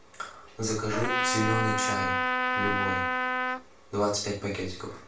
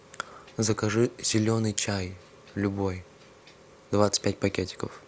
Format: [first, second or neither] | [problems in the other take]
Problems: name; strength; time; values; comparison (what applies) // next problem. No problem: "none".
second | background sound (Trumpet); 3 dB above the speech // room echo; dies away in 0.3 s